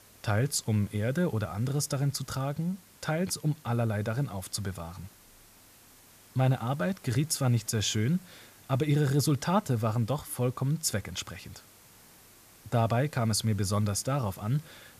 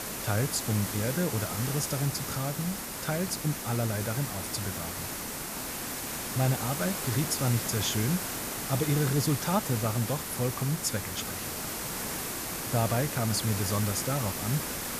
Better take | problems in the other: first | hiss; loud; throughout; 3 dB below the speech; faint in the first

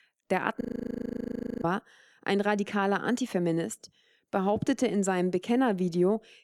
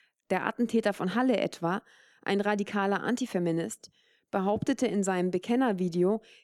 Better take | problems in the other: second | audio freezing; at 0.5 s for 1 s

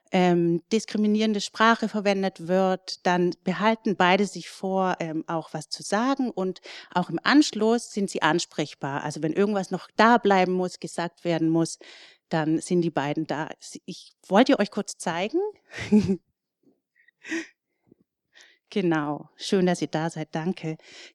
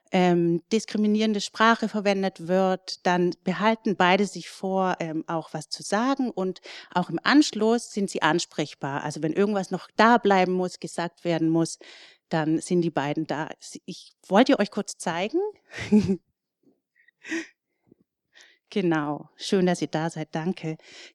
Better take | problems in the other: neither | none

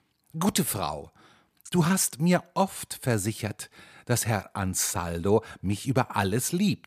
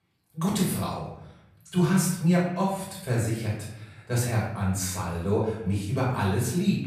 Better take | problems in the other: first | off-mic speech; far // room echo; noticeable; dies away in 0.8 s

